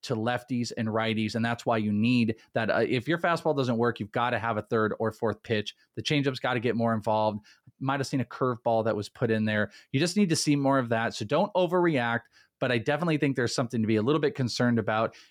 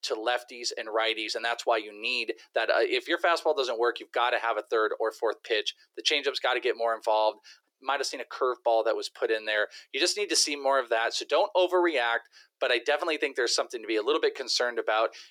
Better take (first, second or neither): first